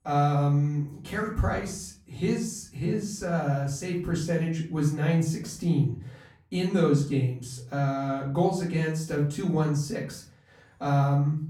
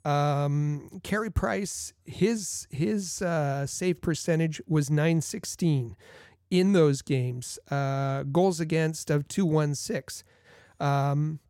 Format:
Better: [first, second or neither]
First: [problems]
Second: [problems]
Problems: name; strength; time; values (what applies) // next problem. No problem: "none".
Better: second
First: room echo; slight; dies away in 0.4 s // off-mic speech; far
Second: none